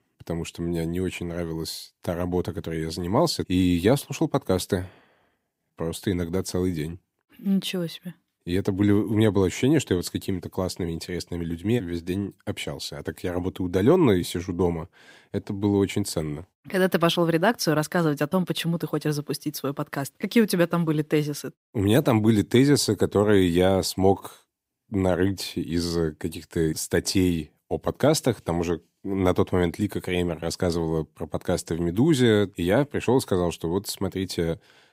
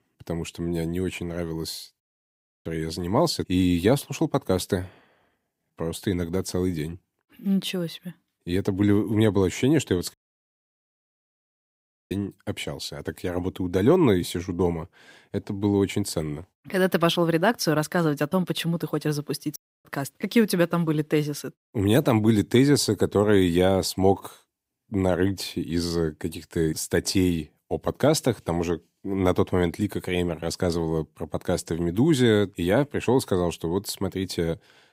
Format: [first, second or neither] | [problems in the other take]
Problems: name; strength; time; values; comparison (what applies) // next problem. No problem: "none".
first | audio cutting out; at 2 s for 0.5 s, at 10 s for 2 s and at 20 s